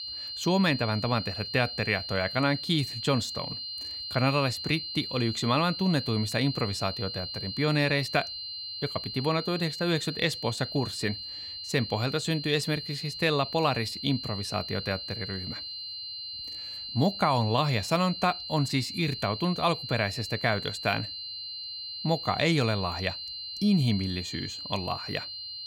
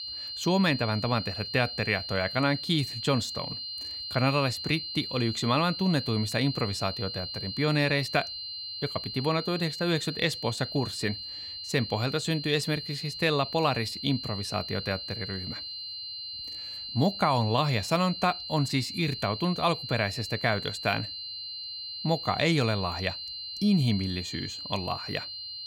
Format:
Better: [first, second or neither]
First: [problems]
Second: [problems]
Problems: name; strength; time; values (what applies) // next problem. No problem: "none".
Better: neither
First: high-pitched whine; loud; throughout; 4 kHz, 6 dB below the speech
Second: high-pitched whine; loud; throughout; 4 kHz, 6 dB below the speech